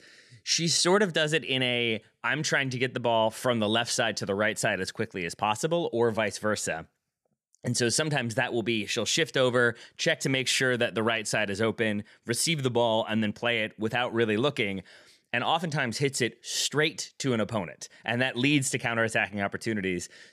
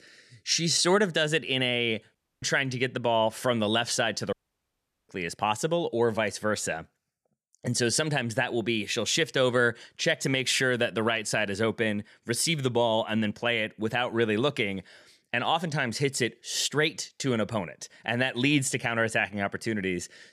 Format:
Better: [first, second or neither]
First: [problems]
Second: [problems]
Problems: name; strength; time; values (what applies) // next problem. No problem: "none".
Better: first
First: none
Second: audio cutting out; at 2 s and at 4.5 s for 1 s